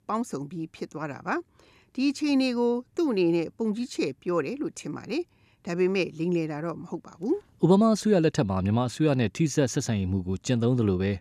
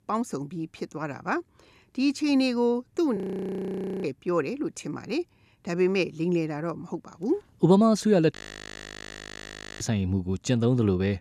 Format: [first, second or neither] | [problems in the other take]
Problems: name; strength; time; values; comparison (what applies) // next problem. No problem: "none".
first | audio freezing; at 3 s for 1 s and at 8.5 s for 1.5 s